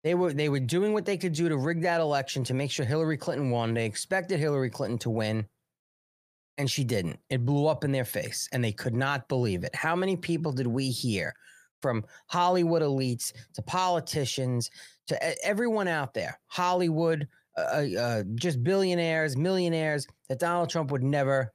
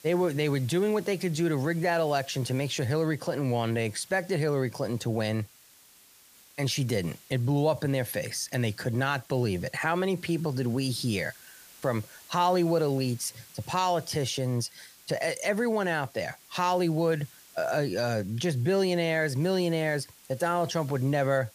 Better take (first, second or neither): first